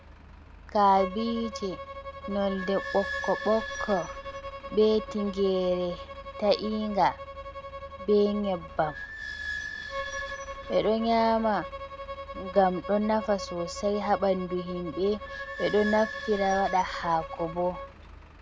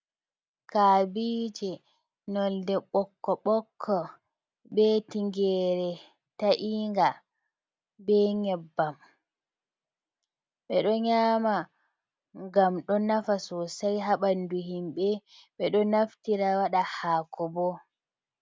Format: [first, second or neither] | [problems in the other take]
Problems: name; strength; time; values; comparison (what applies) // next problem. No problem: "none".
second | background sound (Bowed string instrument + Squeak / Idling); 10 dB below the speech